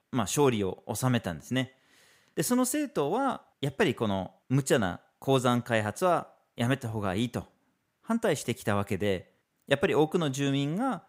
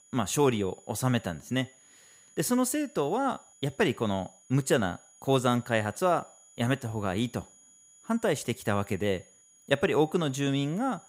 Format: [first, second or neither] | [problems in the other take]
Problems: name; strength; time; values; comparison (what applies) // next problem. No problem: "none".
first | high-pitched whine; faint; throughout; 7 kHz, 25 dB below the speech